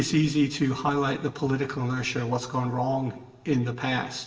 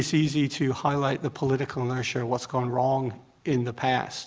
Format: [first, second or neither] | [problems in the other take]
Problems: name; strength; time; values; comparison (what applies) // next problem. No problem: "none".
second | room echo; dies away in 1.1 s